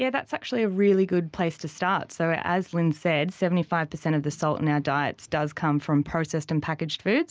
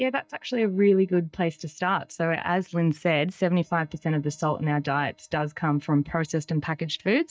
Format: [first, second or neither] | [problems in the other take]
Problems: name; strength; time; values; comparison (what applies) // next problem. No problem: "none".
first | noise reduction (neural mask model DeepFilterNet 3)